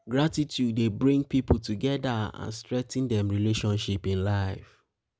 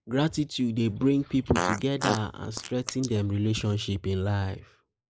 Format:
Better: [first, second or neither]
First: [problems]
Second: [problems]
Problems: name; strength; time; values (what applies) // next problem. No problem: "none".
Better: first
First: none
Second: noise reduction (neural mask model Resemble Enhance denoiser)